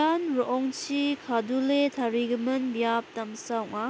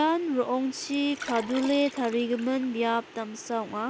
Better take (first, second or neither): first